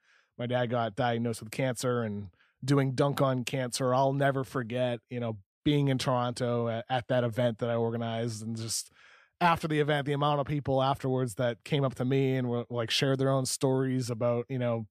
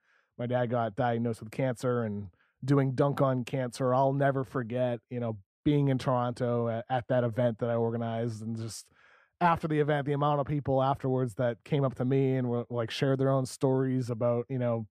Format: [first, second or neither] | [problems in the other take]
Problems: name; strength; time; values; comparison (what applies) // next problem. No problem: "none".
first | muffled; slightly; fading above 2 kHz